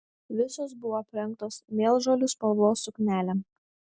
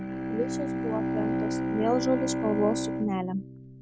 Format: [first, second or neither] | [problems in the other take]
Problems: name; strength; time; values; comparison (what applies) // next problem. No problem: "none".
first | background sound (Bowed string instrument); as loud as the speech